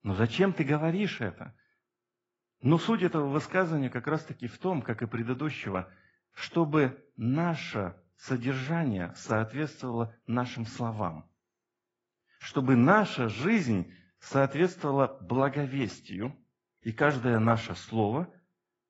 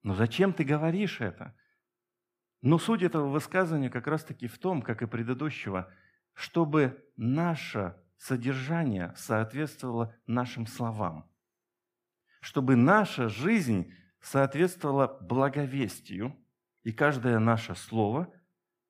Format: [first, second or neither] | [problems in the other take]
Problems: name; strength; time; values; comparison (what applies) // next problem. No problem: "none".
second | garbled, watery; badly; nothing above 7.5 kHz